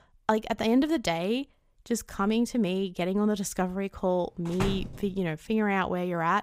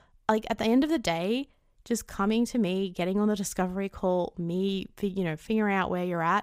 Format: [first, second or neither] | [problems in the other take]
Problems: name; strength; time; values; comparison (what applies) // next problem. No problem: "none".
second | door banging; noticeable; at 4.5 s; peak 5 dB below the speech